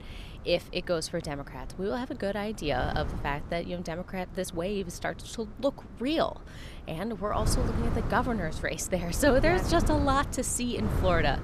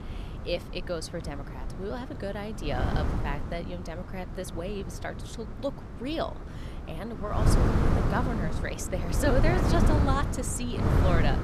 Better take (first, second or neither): first